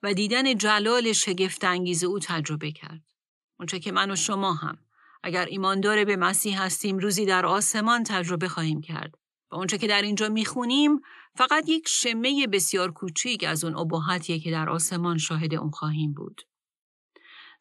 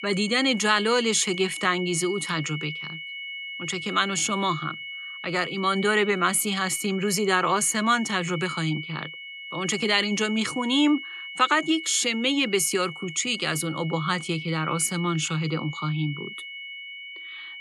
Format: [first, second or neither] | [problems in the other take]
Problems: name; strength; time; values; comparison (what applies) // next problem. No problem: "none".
first | high-pitched whine; noticeable; throughout; 2 kHz, 10 dB below the speech